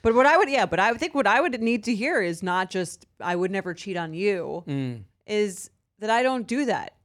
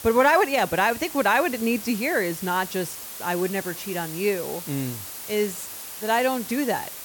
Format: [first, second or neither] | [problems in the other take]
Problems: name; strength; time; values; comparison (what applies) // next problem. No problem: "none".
first | hiss; loud; throughout; 10 dB below the speech